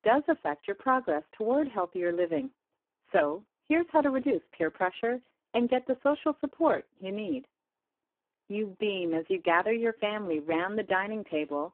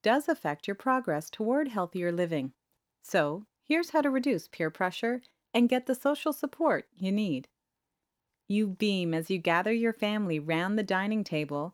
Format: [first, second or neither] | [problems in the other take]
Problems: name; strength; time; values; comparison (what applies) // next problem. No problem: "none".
second | phone-call audio; poor line